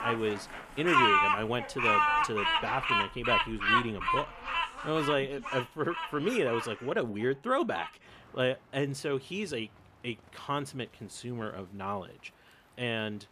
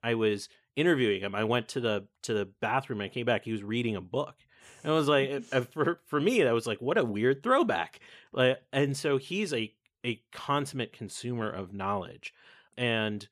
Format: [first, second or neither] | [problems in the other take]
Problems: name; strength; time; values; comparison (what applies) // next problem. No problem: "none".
second | animal sounds; very loud; throughout; 4 dB above the speech